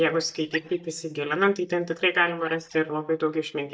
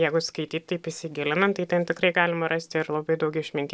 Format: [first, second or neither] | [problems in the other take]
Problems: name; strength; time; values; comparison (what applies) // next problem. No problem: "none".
second | noise reduction (neural mask model DeepFilterNet 3)